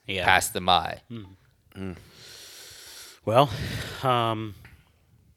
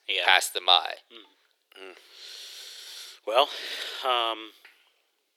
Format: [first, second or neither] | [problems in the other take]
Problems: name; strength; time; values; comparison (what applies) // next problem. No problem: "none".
first | thin; very; fading below 350 Hz